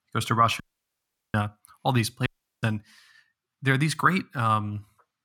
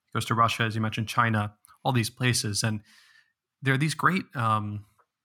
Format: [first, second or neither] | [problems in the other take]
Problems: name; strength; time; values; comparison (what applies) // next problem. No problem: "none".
second | audio cutting out; at 0.5 s for 0.5 s and at 2.5 s